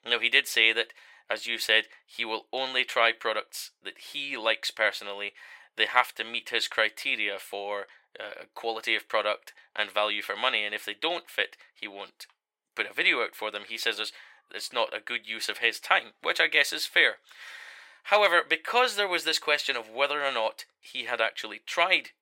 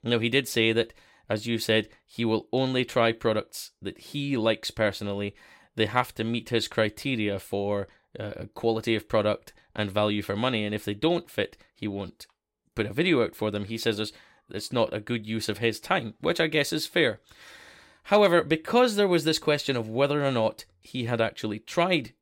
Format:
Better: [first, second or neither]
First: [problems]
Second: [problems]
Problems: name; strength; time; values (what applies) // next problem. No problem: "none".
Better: second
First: thin; very; fading below 800 Hz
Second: none